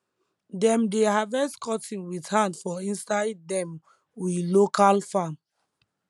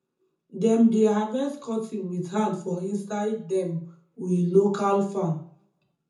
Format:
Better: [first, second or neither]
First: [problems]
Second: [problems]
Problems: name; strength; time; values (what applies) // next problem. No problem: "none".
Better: first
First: none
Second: room echo; dies away in 0.6 s